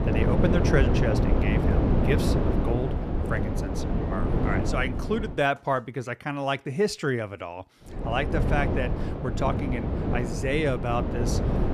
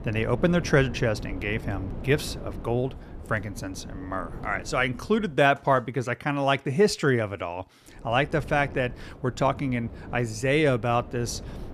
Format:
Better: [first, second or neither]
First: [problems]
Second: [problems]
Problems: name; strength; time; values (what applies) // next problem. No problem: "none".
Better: second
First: wind noise on the microphone; heavy; until 5.5 s and from 8 s on; 3 dB below the speech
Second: wind noise on the microphone; occasional gusts; until 5.5 s and from 8 s on; 20 dB below the speech